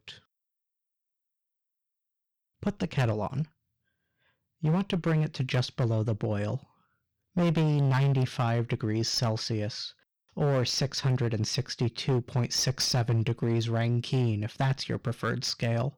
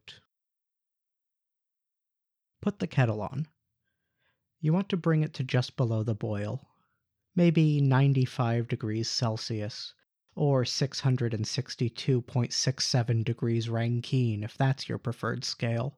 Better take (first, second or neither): second